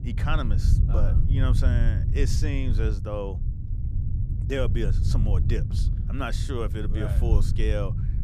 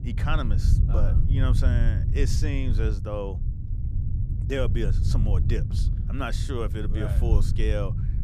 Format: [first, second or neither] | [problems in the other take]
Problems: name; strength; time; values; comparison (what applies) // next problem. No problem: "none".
neither | low rumble; loud; throughout; 7 dB below the speech; the same in both